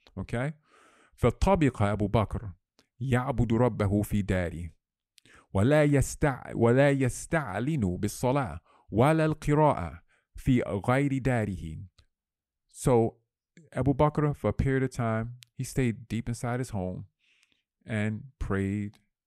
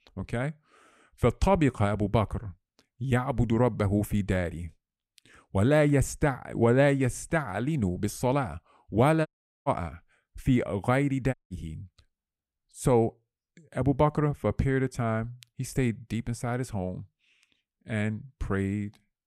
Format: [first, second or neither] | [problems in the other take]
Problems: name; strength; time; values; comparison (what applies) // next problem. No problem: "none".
first | audio cutting out; at 9.5 s and at 11 s